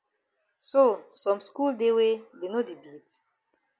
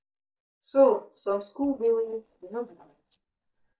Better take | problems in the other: first | noise reduction (neural mask model DeepFilterNet 3)

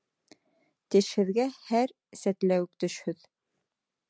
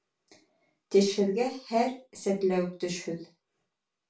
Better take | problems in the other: first | room echo; dies away in 0.3 s

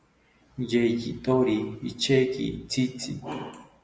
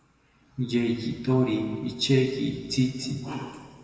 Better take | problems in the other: first | room echo; dies away in 2.2 s

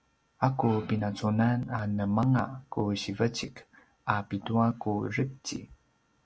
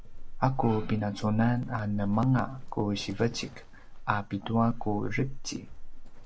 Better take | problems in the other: first | background sound (Livestock, farm animals, working animals); 8 dB below the speech

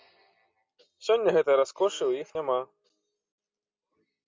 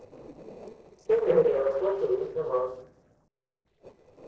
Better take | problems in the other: first | noise reduction (neural separator model SepFormer DNS4)

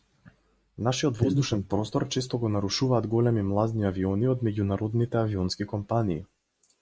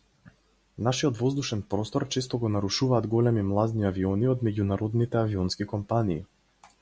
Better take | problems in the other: second | noise reduction (neural mask model Resemble Enhance denoiser)

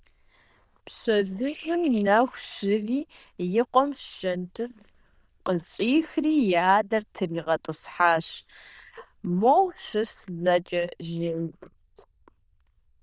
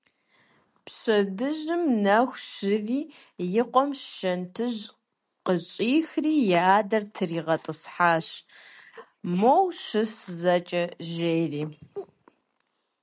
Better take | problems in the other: second | noise reduction (neural diffusion model UNIVERSE++)

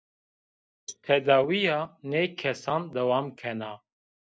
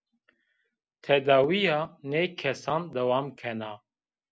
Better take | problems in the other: second | noise reduction (neural mask model DeepFilterNet 3)

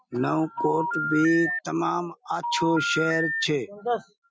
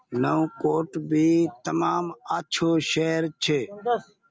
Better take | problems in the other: second | noise reduction (classical method Wiener filter)

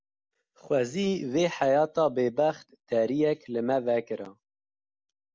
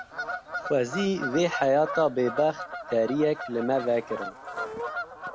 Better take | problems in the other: first | background sound (Bird vocalization, bird call, bird song / Fowl); 9 dB below the speech

